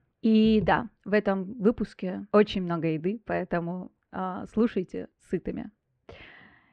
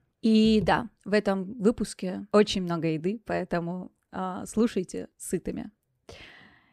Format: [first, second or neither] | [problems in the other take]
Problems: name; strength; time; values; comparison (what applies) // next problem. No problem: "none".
second | muffled; slightly; fading above 2.5 kHz